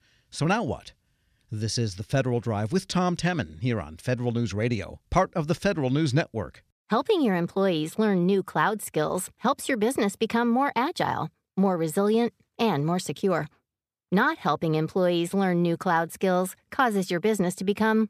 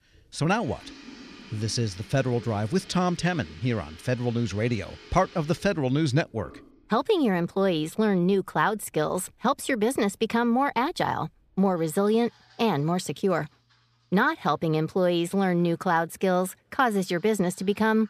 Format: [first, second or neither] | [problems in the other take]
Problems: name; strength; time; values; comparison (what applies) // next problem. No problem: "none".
first | household noises; faint; throughout; 20 dB below the speech